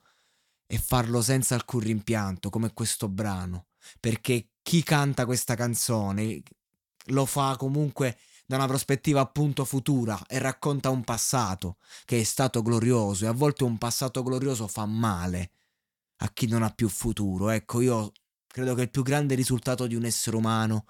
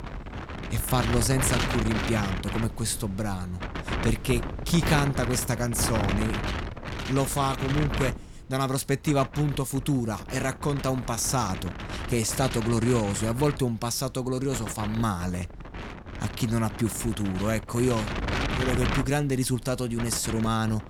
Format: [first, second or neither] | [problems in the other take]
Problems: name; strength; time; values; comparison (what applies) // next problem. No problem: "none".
first | wind noise on the microphone; heavy; 4 dB below the speech